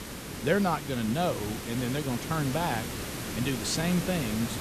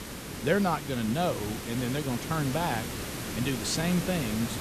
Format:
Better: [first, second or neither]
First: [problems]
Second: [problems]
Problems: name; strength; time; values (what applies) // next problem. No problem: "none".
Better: neither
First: hiss; loud; throughout; 5 dB below the speech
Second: hiss; loud; throughout; 5 dB below the speech